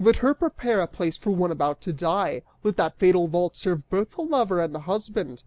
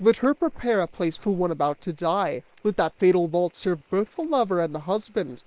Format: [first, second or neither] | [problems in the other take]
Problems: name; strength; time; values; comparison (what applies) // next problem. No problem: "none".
first | noise reduction (neural separator model SepFormer WHAM!)